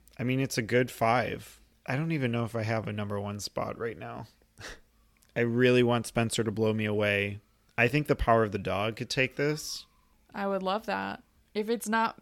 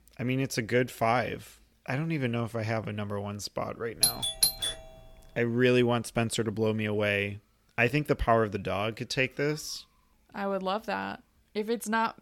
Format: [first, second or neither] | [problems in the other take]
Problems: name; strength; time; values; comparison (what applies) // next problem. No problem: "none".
first | doorbell; loud; at 4 s; peak 4 dB above the speech